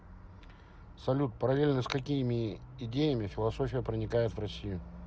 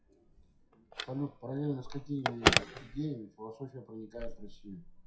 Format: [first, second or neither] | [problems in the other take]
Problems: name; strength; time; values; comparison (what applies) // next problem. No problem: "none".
first | noise reduction (classical method WPE with log-MMSE)